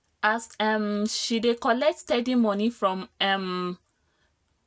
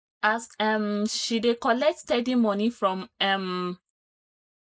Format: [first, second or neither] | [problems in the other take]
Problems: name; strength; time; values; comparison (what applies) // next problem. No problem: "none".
first | noise reduction (neural mask model Resemble Enhance denoiser)